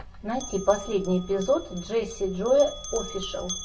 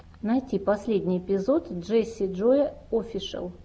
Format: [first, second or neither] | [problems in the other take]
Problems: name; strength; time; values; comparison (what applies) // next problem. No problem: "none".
second | background sound (Bell); 14 dB below the speech // room echo; dies away in 0.1 s